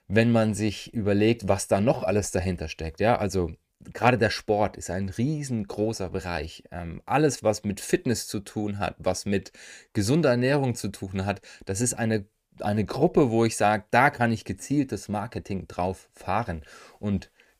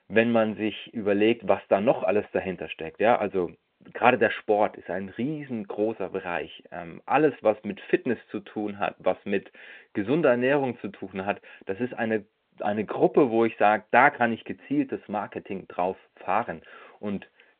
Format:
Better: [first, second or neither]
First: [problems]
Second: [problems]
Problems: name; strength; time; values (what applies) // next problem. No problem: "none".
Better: first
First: none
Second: phone-call audio